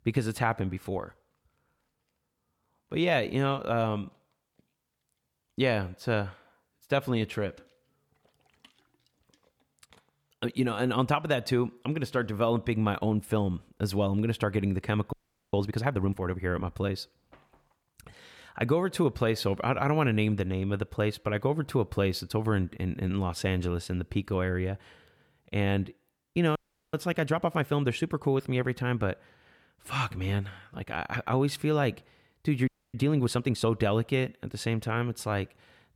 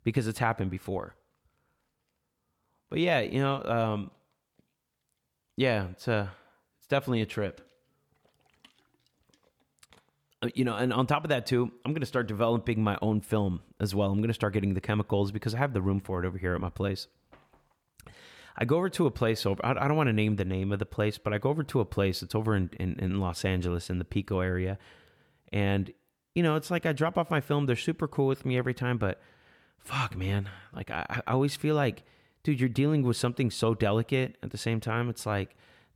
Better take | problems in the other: second | audio freezing; at 15 s, at 27 s and at 33 s

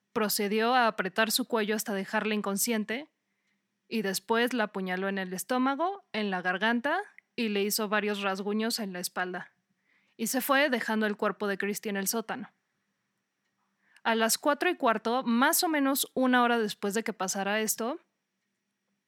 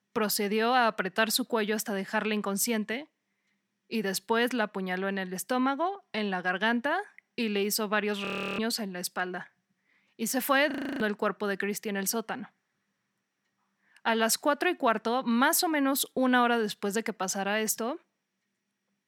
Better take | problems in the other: first | audio freezing; at 8.5 s and at 11 s

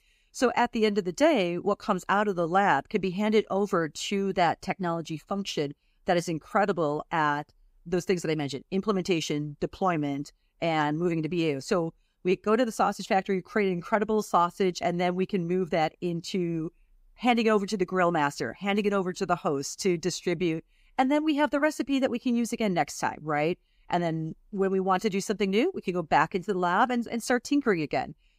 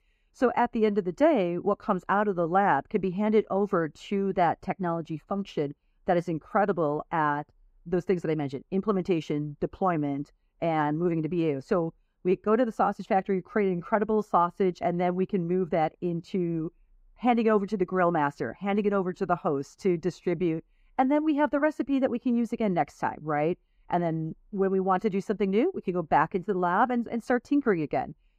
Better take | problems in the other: first | muffled; very; fading above 2.5 kHz

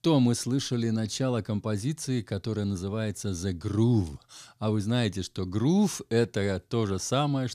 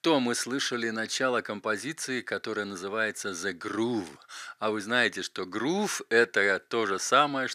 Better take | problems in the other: first | thin; very; fading below 400 Hz

